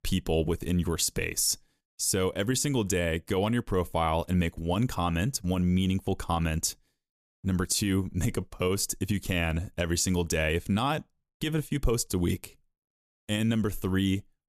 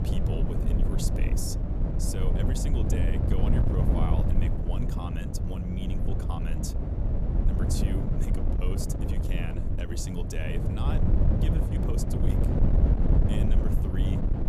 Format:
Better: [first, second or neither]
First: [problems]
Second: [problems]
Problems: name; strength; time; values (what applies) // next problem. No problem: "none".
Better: first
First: none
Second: wind noise on the microphone; heavy; 2 dB above the speech